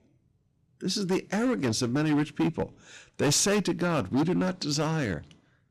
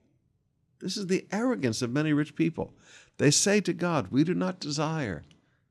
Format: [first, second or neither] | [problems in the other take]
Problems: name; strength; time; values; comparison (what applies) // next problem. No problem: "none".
second | distortion; heavy; 11% of the sound clipped